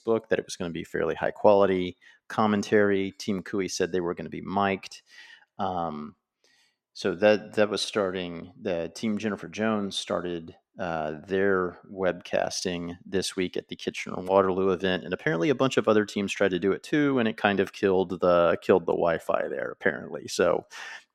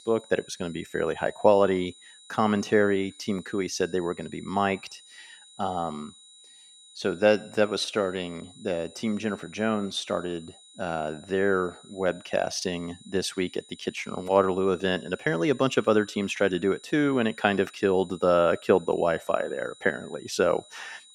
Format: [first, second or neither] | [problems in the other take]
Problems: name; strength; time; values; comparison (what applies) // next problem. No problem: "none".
first | high-pitched whine; faint; throughout; 4 kHz, 25 dB below the speech